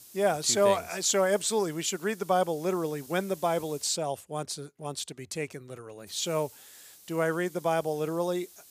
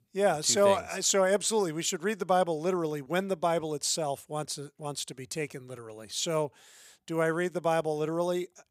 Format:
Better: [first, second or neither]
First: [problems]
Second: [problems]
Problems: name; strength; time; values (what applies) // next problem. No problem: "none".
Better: second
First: hiss; noticeable; until 4 s and from 6 s on; 20 dB below the speech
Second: none